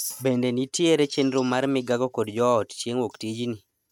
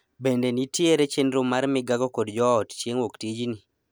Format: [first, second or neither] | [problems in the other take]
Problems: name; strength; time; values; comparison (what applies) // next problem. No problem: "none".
second | noise reduction (neural mask model RNNoise)